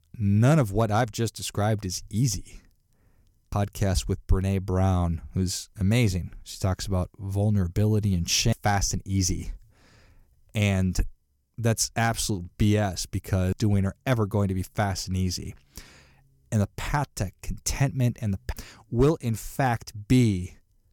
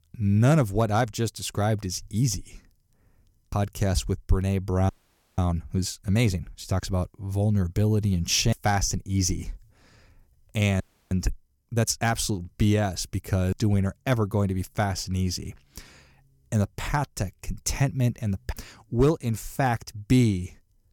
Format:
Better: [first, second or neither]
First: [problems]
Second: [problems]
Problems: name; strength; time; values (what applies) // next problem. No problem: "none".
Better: first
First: none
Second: audio freezing; at 5 s and at 11 s